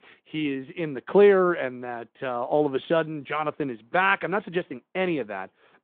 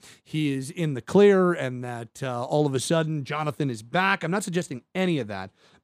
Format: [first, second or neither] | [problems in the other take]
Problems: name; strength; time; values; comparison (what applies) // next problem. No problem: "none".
second | phone-call audio